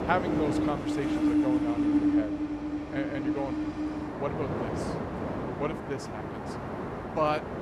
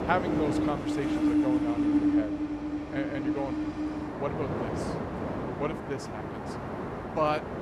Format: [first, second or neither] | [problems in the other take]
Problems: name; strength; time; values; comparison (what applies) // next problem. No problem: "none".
neither | train or aircraft noise; very loud; throughout; 4 dB above the speech; the same in both